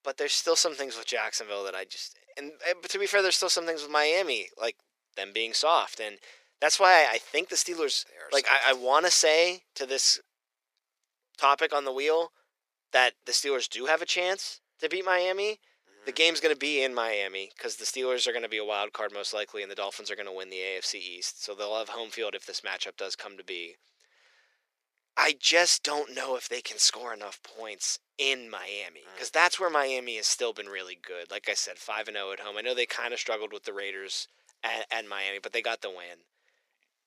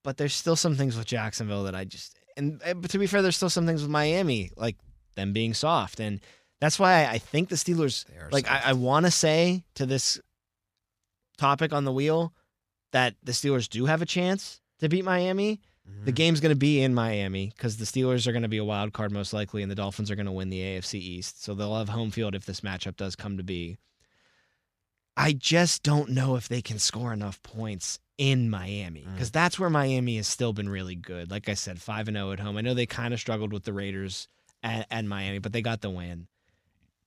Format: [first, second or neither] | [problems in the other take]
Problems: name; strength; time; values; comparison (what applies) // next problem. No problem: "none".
second | thin; very; fading below 400 Hz